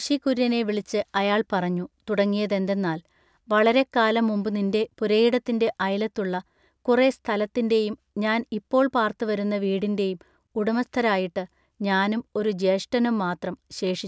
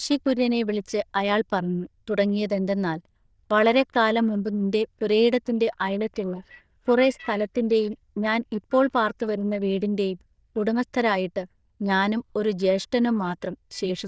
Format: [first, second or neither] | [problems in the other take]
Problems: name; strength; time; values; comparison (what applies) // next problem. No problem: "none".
first | noise reduction (neural diffusion model UNIVERSE++)